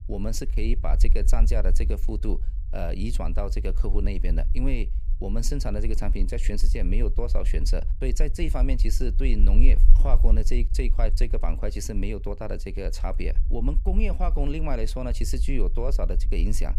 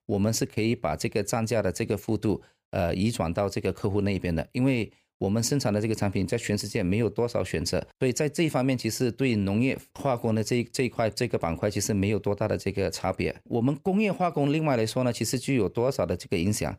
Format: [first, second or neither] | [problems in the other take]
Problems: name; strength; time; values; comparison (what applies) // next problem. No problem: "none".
second | low rumble; noticeable; throughout; 15 dB below the speech